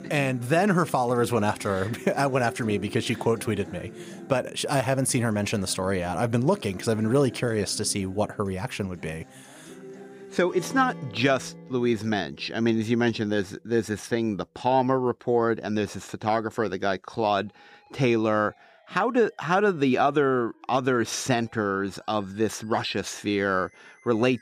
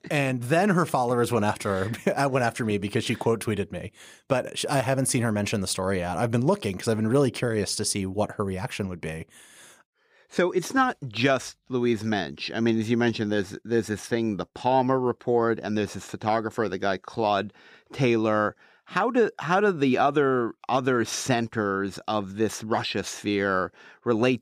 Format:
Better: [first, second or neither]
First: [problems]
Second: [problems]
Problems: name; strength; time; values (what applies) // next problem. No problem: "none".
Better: second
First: background music; noticeable; throughout; 20 dB below the speech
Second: none